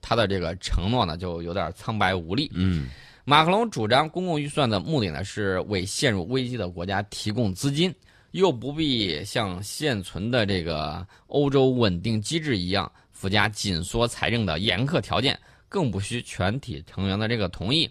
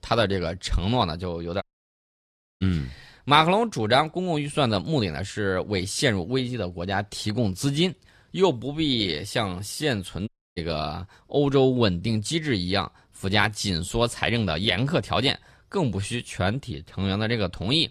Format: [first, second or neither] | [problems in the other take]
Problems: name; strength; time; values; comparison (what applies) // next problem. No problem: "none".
first | audio cutting out; at 1.5 s for 1 s and at 10 s